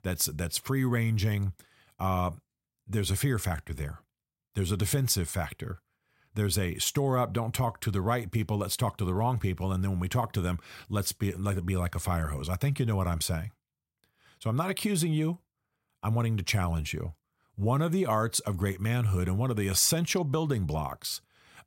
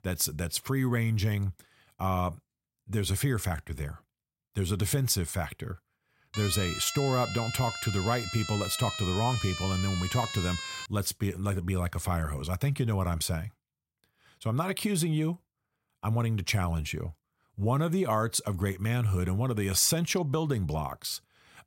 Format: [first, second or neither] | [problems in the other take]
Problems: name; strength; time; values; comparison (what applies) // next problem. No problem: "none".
first | siren; noticeable; from 6.5 to 11 s; peak 4 dB below the speech